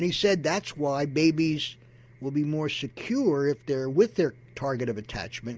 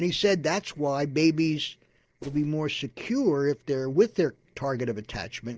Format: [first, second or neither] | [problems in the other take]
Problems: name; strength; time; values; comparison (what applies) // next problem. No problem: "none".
first | noise reduction (neural separator model SepFormer DNS4)